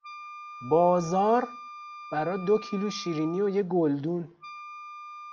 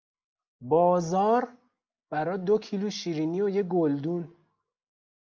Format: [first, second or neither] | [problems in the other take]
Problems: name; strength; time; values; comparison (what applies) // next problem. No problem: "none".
second | background sound (Wind instrument, woodwind instrument); 15 dB below the speech